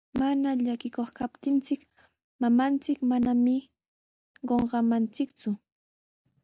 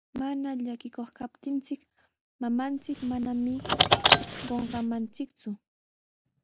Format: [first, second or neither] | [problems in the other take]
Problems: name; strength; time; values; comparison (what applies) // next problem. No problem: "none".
first | background sound (Car); 5 dB above the speech